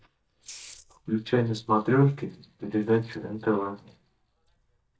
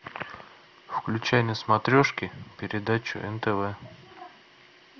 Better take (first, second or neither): second